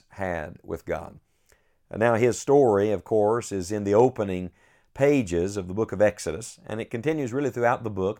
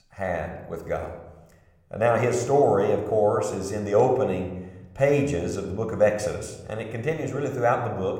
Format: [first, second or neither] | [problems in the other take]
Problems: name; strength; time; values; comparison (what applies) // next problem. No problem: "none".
first | room echo; slight; dies away in 0.8 s